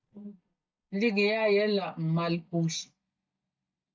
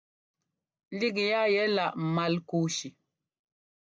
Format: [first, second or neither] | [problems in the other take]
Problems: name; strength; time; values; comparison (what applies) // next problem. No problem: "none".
second | noise reduction (neural mask model DeepFilterNet 3)